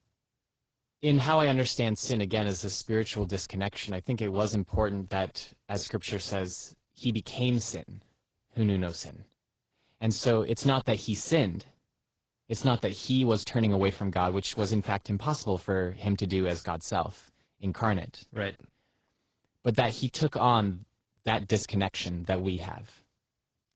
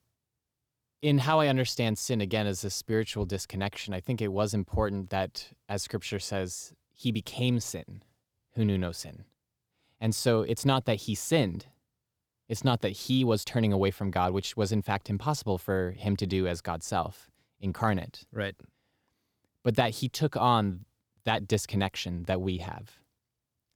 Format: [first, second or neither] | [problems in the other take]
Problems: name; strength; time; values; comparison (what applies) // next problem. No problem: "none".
second | garbled, watery; badly; nothing above 7.5 kHz